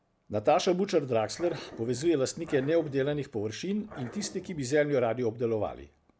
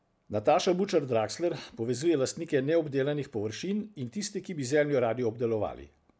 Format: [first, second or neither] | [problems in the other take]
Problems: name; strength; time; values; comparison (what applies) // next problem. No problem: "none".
second | background sound (Growling); 18 dB below the speech